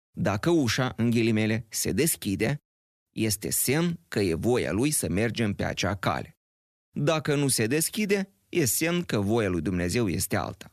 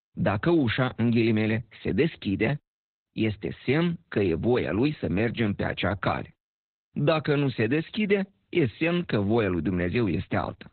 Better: first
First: none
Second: garbled, watery; badly; nothing above 4 kHz

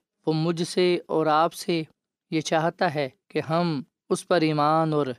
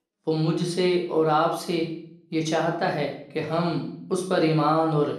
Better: first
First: none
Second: room echo; slight; dies away in 0.5 s // off-mic speech; somewhat distant

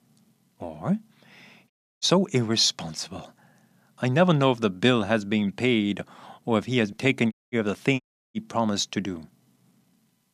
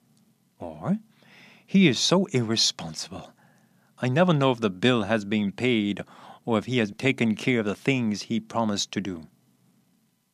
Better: second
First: audio cutting out; at 1.5 s, at 7.5 s and at 8 s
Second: none

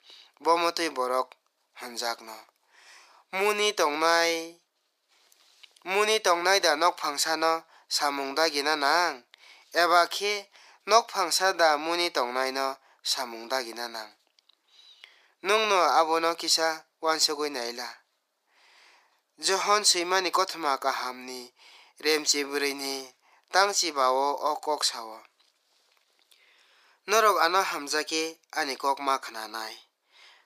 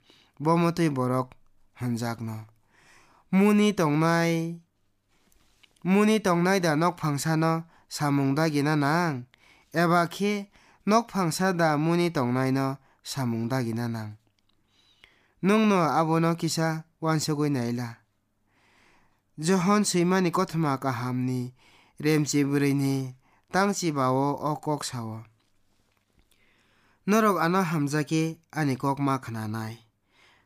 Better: second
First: thin; very; fading below 450 Hz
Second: none

